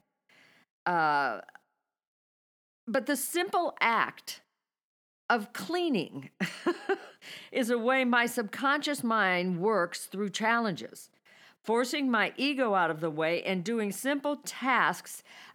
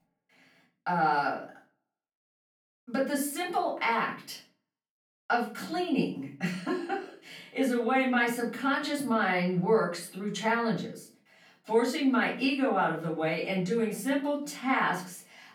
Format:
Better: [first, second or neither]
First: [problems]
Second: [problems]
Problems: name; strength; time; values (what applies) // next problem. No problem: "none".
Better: first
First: none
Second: off-mic speech; far // room echo; slight; dies away in 0.4 s